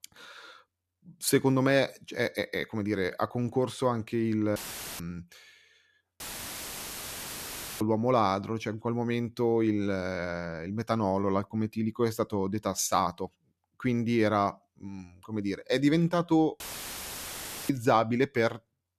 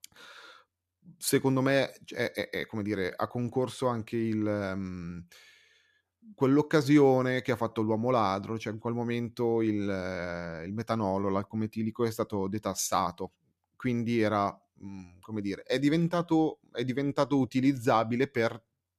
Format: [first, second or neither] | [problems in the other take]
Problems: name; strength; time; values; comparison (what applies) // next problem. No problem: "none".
second | audio cutting out; filled with static; at 4.5 s, at 6 s for 1.5 s and at 17 s for 1 s